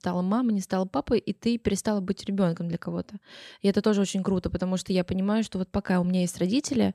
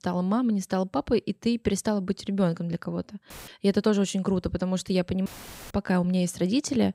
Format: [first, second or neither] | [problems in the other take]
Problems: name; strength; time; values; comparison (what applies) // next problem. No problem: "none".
first | audio cutting out; filled with static; at 3.5 s and at 5.5 s